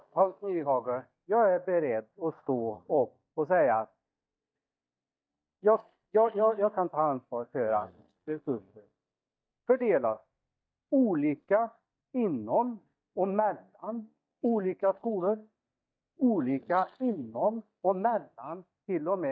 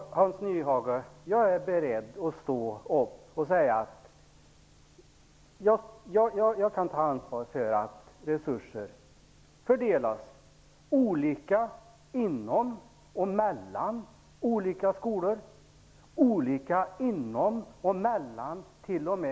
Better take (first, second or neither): second